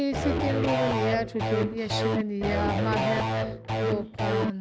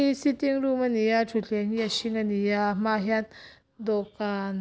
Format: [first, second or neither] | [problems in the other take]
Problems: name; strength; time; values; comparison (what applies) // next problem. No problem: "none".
second | background sound (Electric guitar / Bass guitar); 3 dB above the speech